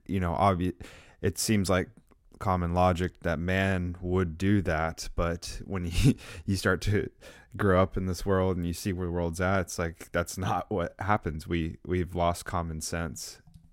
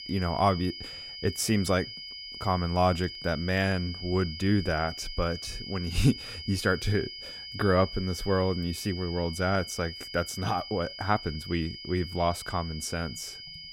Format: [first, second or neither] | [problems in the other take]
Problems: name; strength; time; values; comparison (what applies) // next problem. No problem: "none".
first | high-pitched whine; loud; throughout; 5 kHz, 10 dB below the speech